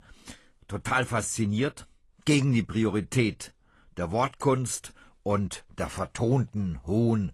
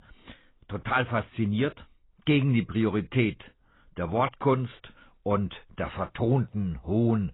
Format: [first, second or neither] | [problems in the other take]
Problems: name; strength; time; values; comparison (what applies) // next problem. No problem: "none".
first | garbled, watery; badly; nothing above 4 kHz; slightly in the first